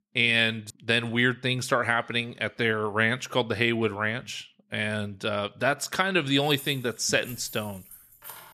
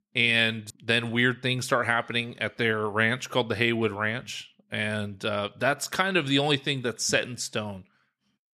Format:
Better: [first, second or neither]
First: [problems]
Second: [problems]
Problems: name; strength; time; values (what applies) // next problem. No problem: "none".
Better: second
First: jangling keys; faint; from 6.5 s on; peak 15 dB below the speech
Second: none